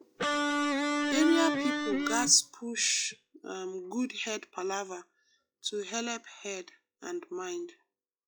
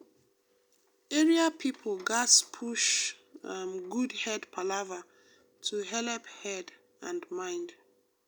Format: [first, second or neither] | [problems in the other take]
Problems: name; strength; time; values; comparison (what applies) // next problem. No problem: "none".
second | noise reduction (classical method log-MMSE)